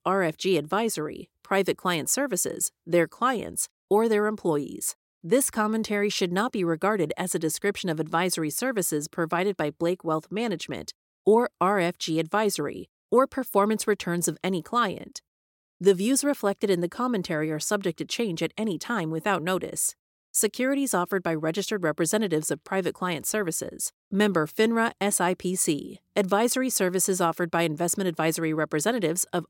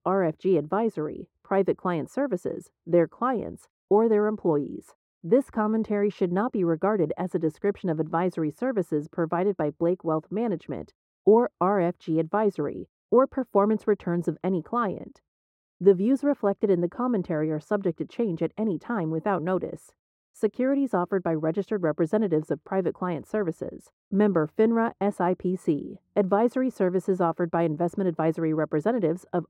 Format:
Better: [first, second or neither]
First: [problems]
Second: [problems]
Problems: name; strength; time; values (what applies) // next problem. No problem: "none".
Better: first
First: none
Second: muffled; very; fading above 2.5 kHz